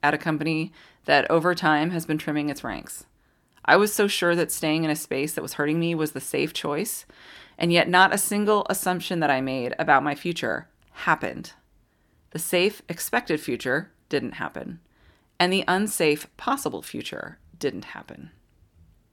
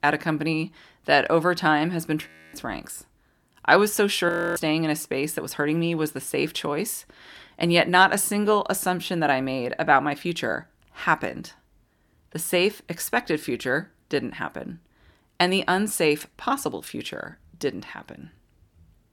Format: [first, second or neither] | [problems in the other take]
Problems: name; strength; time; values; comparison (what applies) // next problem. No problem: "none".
first | audio freezing; at 2.5 s and at 4.5 s